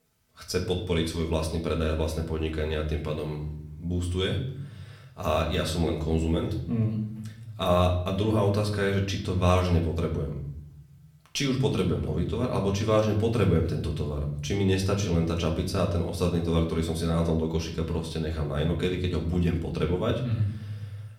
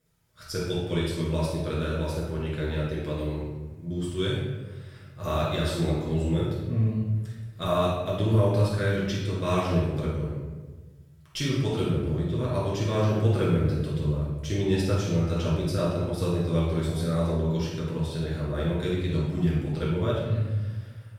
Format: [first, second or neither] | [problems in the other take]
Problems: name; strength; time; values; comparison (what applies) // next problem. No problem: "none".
first | room echo; strong; dies away in 1.1 s; slight in the first // off-mic speech; far; somewhat distant in the first